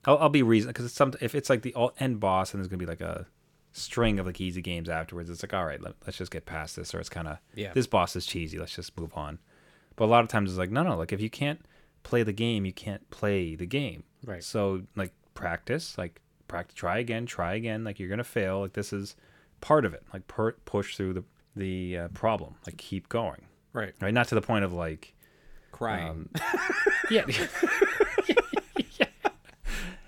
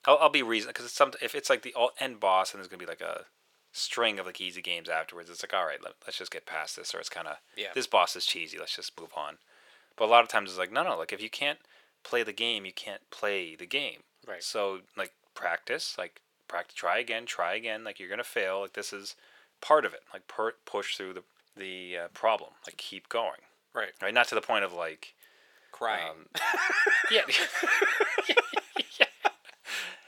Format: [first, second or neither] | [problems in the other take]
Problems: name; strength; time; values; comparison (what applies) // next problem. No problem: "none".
first | thin; very; fading below 650 Hz